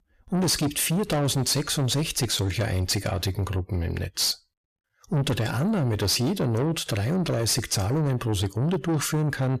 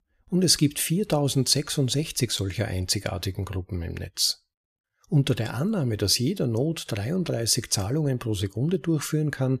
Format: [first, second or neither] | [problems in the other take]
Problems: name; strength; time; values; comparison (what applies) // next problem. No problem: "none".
second | distortion; heavy; 7 dB below the speech